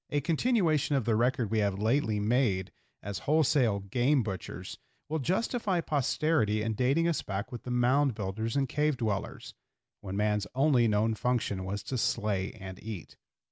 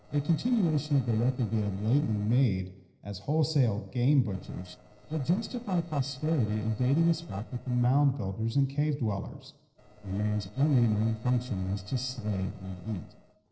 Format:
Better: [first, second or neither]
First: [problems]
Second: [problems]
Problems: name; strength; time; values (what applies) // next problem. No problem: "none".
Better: first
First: none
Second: noise reduction (neural separator model SepFormer DNS4)